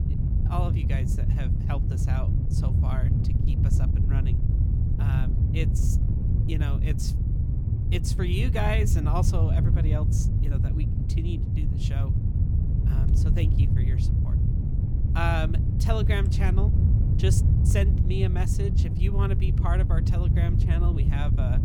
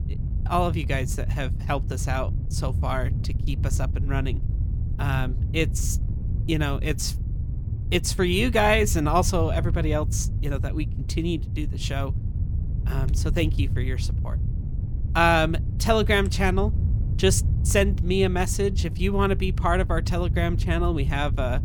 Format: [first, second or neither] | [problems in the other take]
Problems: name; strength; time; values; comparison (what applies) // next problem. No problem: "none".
second | wind noise on the microphone; heavy; 3 dB below the speech; occasional gusts in the second